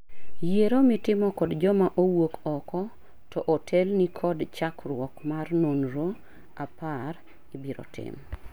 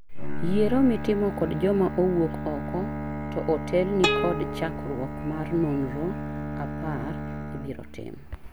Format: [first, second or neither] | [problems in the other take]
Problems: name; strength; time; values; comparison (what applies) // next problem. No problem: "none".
first | background sound (Plucked string instrument + Bowed string instrument); 5 dB below the speech